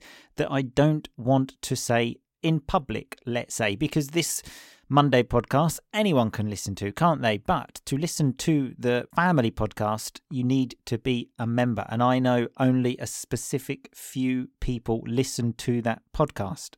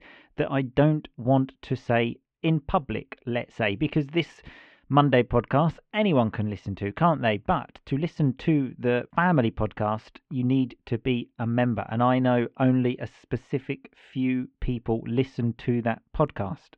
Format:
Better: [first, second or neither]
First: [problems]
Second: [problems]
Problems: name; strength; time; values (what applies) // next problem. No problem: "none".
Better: first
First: none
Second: muffled; very; fading above 3 kHz